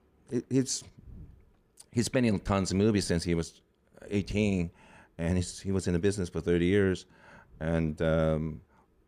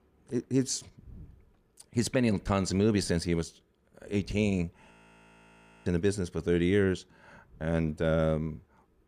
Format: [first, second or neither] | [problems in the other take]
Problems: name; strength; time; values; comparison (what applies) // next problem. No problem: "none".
first | audio freezing; at 5 s for 1 s